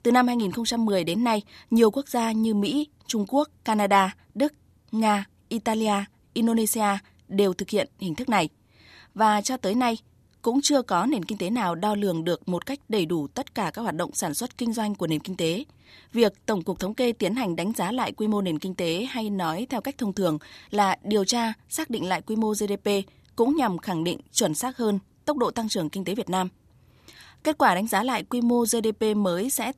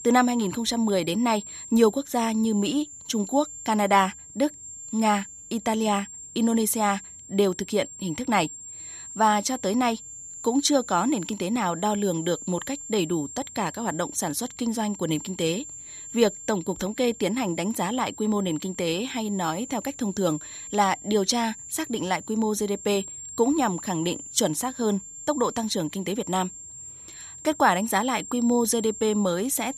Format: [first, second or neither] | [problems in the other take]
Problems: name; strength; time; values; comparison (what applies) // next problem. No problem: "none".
first | high-pitched whine; noticeable; throughout; 7.5 kHz, 10 dB below the speech